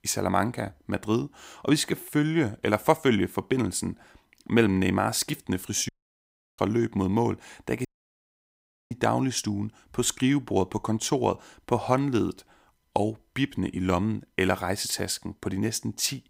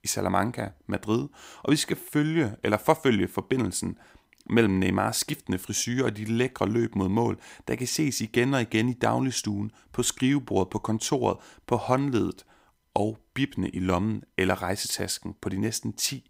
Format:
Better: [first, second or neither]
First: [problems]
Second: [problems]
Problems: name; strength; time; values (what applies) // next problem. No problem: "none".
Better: second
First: audio cutting out; at 6 s for 0.5 s and at 8 s for 1 s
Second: none